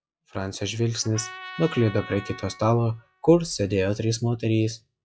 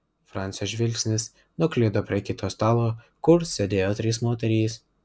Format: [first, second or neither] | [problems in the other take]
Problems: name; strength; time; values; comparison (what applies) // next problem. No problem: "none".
second | noise reduction (classical method log-MMSE)